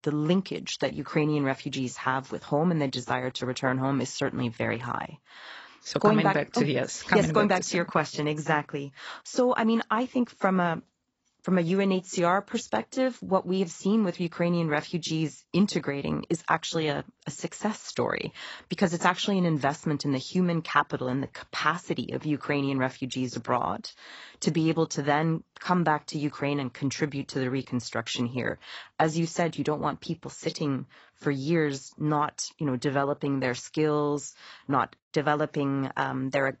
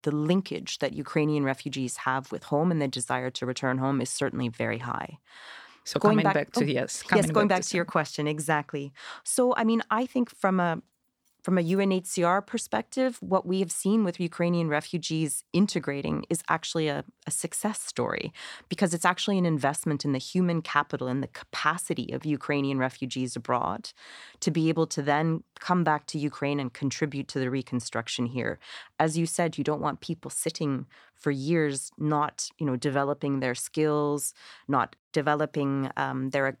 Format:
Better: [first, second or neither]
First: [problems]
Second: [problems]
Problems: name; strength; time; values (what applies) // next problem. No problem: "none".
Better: second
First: garbled, watery; badly; nothing above 8 kHz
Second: none